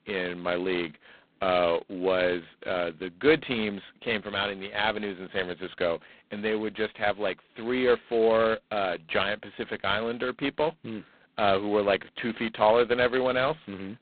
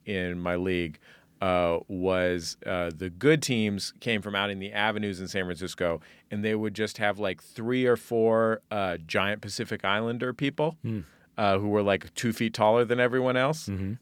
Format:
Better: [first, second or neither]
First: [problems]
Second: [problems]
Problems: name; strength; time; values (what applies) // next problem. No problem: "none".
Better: second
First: phone-call audio; poor line; nothing above 4 kHz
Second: none